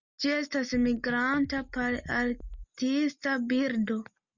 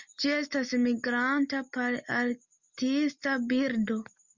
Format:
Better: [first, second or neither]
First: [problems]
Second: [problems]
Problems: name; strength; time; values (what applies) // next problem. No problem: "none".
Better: second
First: noise reduction (neural mask model DeepFilterNet 3)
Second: none